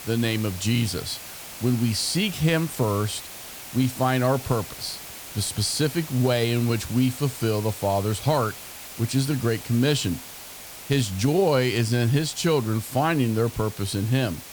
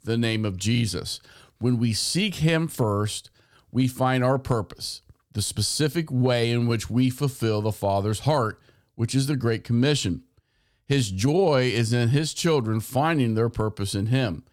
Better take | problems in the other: second | hiss; noticeable; throughout; 15 dB below the speech

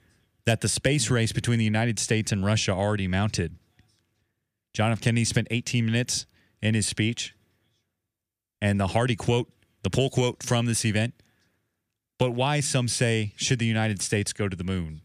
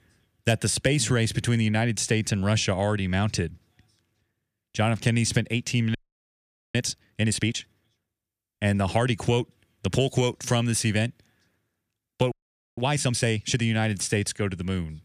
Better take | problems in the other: first | audio freezing; at 6 s for 1 s and at 12 s

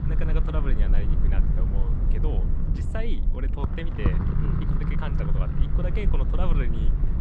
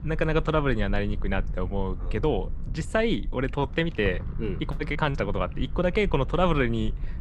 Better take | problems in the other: second | low rumble; loud; throughout; 2 dB below the speech; faint in the second

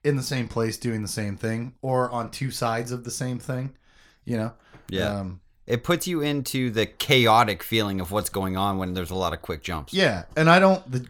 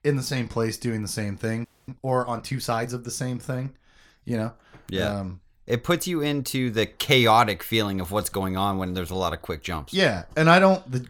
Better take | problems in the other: first | audio freezing; at 1.5 s

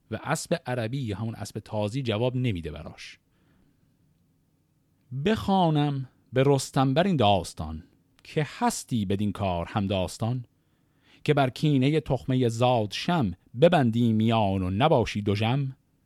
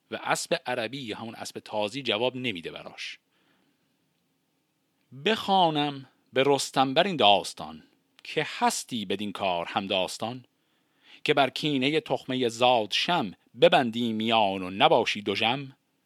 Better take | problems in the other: first | thin; somewhat; fading below 300 Hz

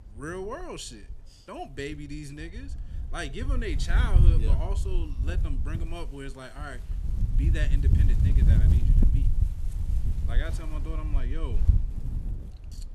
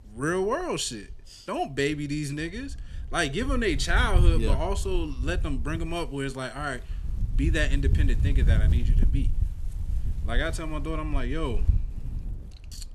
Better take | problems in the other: second | wind noise on the microphone; heavy; 4 dB below the speech; occasional gusts in the second

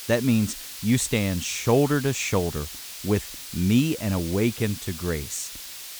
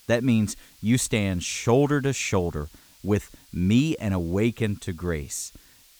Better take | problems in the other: second | hiss; loud; throughout; 10 dB below the speech; faint in the second

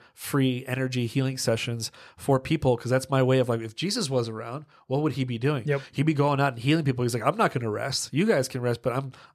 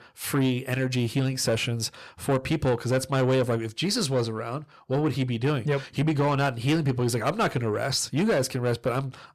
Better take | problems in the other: first | distortion; slight; 10 dB below the speech

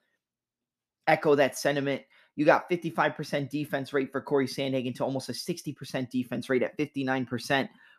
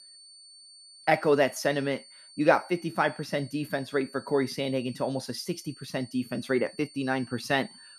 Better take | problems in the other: first | high-pitched whine; faint; throughout; 4.5 kHz, 20 dB below the speech

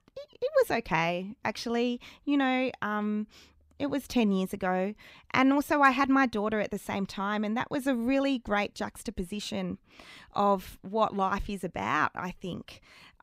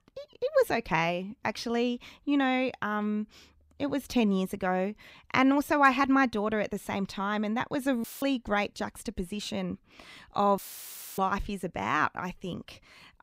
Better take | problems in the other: first | audio cutting out; filled with static; at 8 s and at 11 s for 0.5 s

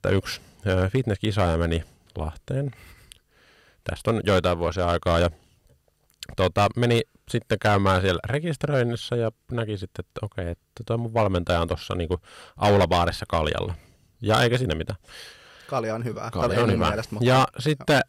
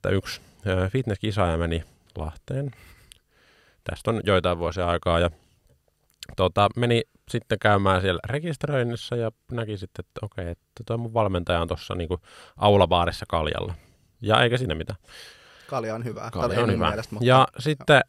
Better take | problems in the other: second | distortion; slight; 3% of the sound clipped

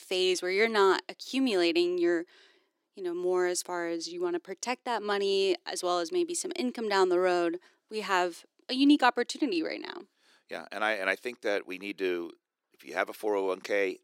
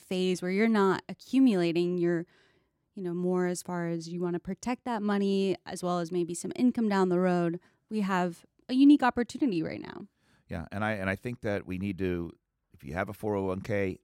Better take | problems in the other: second | thin; somewhat; fading below 350 Hz

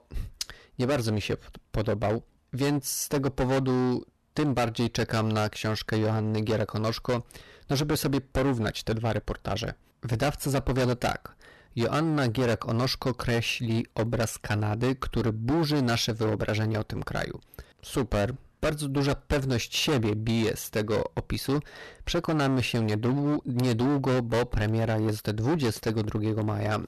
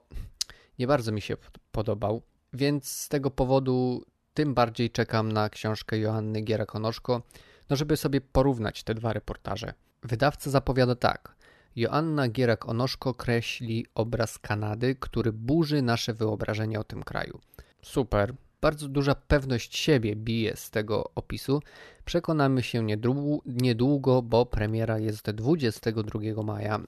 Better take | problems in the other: second | distortion; heavy; 16% of the sound clipped

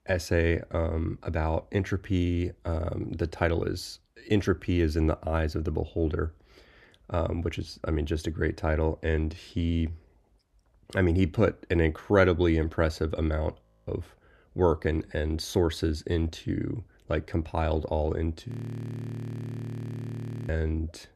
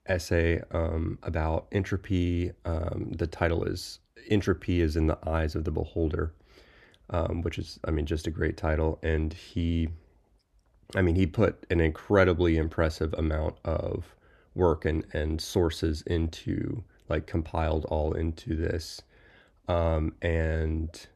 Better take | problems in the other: second | audio freezing; at 14 s and at 18 s for 2 s

